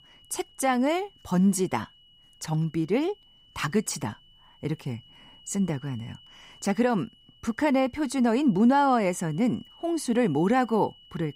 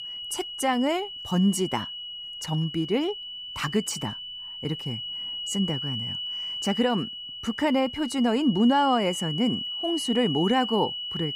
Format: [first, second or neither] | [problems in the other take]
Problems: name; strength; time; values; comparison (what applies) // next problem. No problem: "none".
first | high-pitched whine; loud; throughout; 3 kHz, 6 dB below the speech; faint in the first